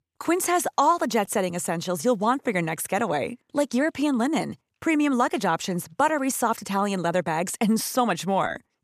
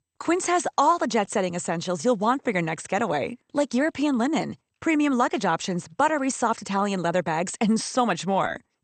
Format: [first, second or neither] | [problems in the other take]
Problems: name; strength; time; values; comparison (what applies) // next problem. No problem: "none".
first | garbled, watery; slightly; nothing above 8.5 kHz